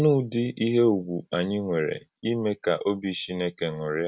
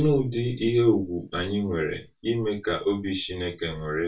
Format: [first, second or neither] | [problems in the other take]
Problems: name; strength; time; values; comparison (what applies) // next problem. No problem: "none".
first | room echo; dies away in 0.1 s